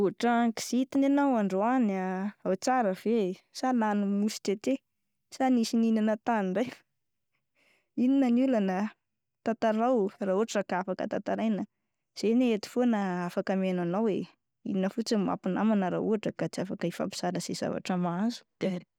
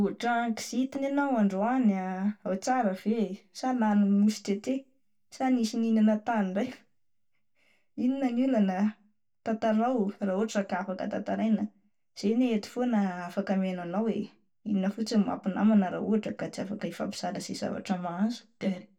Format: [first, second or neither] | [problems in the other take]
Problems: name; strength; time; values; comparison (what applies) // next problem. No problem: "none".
first | room echo; dies away in 0.2 s